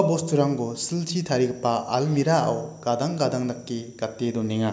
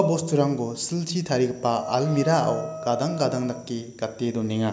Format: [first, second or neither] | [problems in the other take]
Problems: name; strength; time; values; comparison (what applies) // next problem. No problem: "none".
first | background sound (Wind instrument, woodwind instrument); 12 dB below the speech